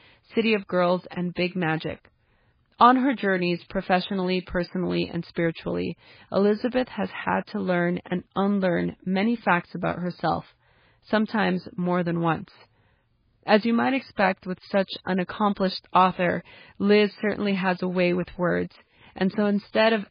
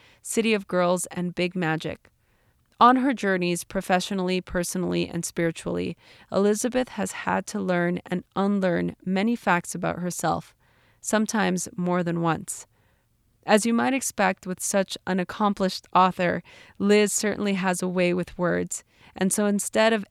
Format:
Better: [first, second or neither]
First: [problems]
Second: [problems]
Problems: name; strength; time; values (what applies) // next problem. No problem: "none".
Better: second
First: garbled, watery; badly; nothing above 4.5 kHz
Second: none